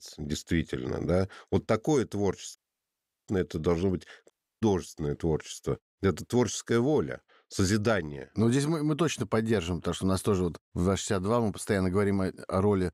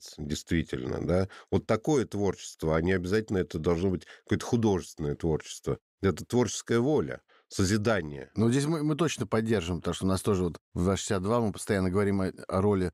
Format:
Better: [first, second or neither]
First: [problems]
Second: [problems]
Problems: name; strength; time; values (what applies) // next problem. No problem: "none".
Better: second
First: audio cutting out; at 2.5 s for 0.5 s and at 4.5 s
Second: none